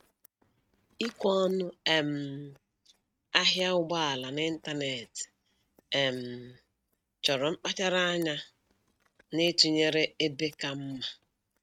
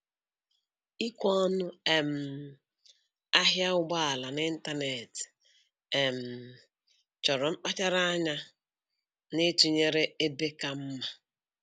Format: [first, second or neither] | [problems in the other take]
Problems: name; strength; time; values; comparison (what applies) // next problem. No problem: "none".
second | noise reduction (neural mask model RNNoise)